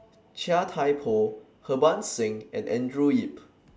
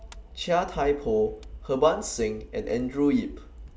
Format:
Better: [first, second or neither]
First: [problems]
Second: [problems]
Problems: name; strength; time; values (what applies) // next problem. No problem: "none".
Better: first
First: none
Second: background sound (Fire); 16 dB below the speech